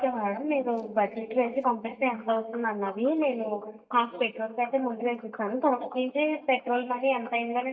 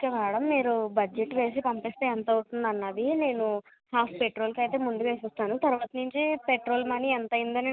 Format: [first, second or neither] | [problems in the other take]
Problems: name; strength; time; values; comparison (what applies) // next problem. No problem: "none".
second | noise reduction (neural mask model DeepFilterNet 3)